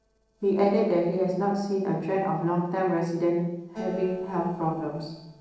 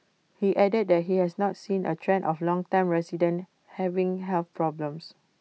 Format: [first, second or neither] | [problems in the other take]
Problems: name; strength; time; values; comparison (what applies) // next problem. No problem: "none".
second | noise reduction (neural separator model SepFormer DNS4)